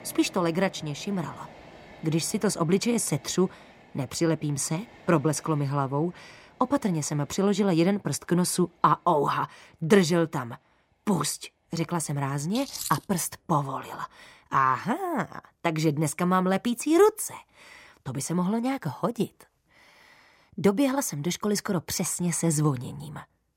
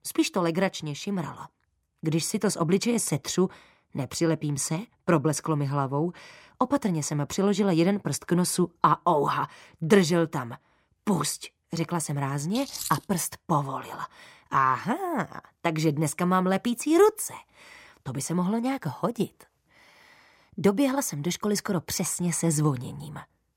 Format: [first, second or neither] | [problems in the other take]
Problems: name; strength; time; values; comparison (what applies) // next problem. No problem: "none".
second | train or aircraft noise; faint; throughout; 25 dB below the speech